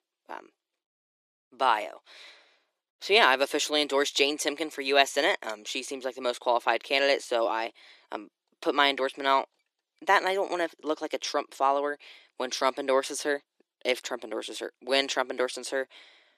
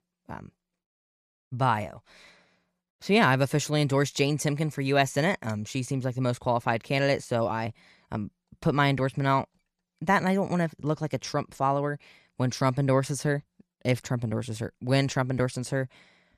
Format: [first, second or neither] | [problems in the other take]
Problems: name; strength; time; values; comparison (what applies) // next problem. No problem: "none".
second | thin; very; fading below 300 Hz